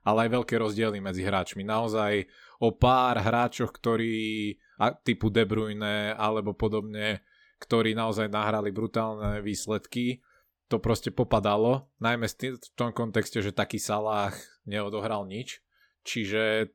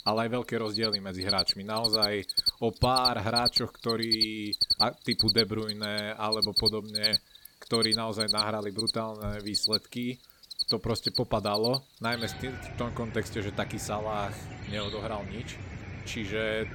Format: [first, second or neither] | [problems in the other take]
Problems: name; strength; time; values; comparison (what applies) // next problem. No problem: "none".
first | animal sounds; very loud; throughout; 4 dB above the speech